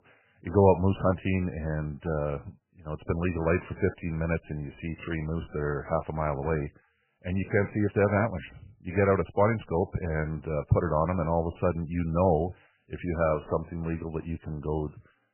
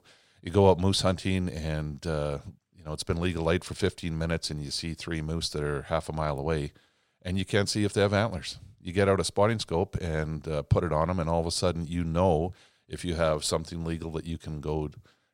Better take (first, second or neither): second